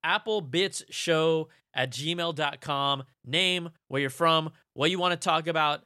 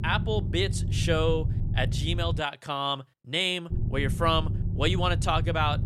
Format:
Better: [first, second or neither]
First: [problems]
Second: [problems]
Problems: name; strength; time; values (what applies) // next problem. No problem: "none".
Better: first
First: none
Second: low rumble; noticeable; until 2.5 s and from 3.5 s on; 15 dB below the speech